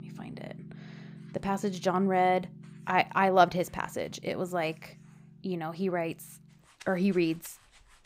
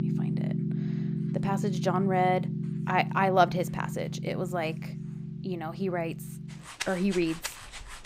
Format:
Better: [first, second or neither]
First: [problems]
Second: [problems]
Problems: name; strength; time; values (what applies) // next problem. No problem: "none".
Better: first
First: background music; faint; throughout; 20 dB below the speech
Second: background music; loud; throughout; 5 dB below the speech